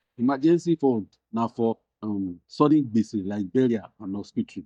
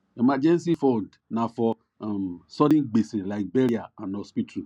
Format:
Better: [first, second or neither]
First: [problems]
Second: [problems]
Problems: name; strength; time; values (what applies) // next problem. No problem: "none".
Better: second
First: noise reduction (neural mask model DeepFilterNet 3)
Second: none